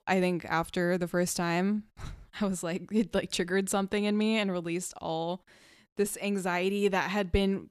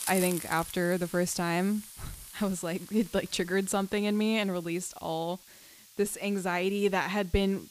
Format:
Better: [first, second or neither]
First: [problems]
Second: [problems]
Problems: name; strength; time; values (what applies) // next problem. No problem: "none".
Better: first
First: none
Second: hiss; noticeable; throughout; 15 dB below the speech